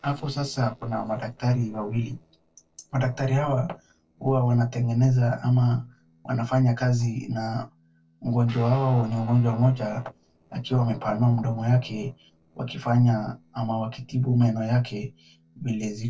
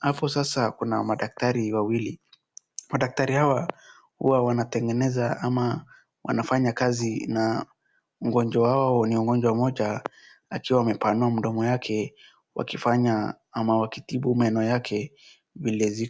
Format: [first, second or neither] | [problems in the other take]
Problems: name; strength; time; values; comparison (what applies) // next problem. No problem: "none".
second | noise reduction (neural separator model SepFormer DNS4)